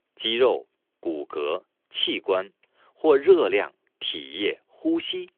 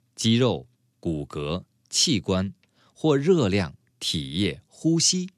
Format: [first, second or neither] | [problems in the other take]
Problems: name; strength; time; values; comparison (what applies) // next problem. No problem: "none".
second | phone-call audio; nothing above 3.5 kHz